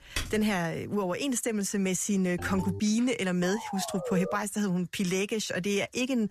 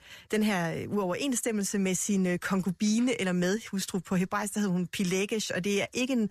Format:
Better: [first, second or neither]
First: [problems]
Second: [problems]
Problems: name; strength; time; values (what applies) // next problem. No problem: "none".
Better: second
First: keyboard typing; noticeable; at the start; peak 6 dB below the speech // phone ringing; noticeable; at 2.5 s; peak 8 dB below the speech // siren; noticeable; at 3.5 s; peak 5 dB below the speech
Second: none